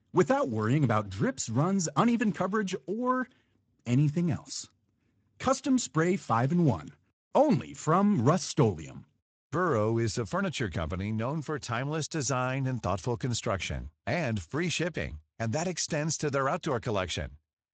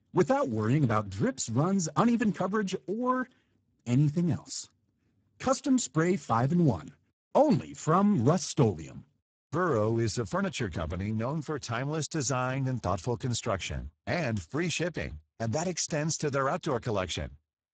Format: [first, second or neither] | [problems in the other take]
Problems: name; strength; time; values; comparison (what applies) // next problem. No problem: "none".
first | garbled, watery; badly; nothing above 7.5 kHz; slightly in the first